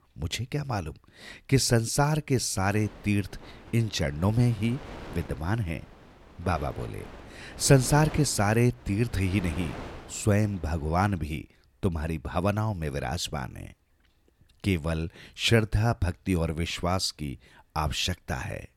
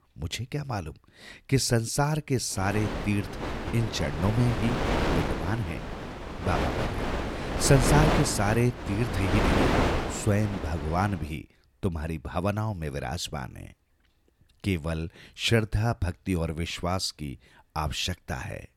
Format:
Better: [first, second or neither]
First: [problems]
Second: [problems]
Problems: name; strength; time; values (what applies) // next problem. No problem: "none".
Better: first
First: wind noise on the microphone; occasional gusts; from 2.5 to 11 s; 15 dB below the speech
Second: wind noise on the microphone; heavy; from 2.5 to 11 s; as loud as the speech